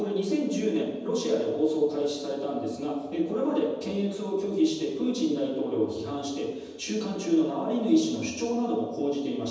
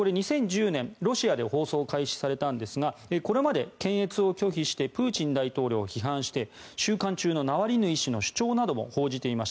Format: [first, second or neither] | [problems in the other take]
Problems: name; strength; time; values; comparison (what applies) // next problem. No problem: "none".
second | room echo; dies away in 1.1 s